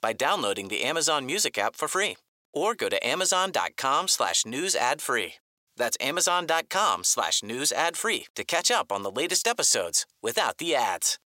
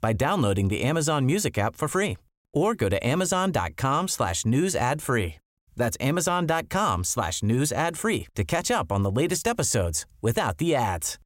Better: second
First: thin; very; fading below 500 Hz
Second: none

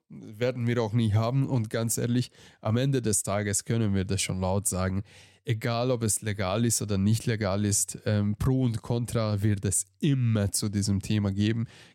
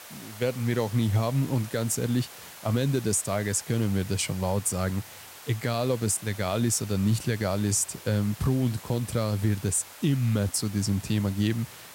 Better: first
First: none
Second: hiss; noticeable; throughout; 15 dB below the speech

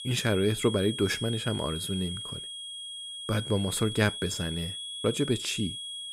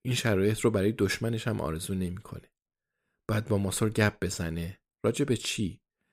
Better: second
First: high-pitched whine; loud; throughout; 3.5 kHz, 6 dB below the speech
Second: none

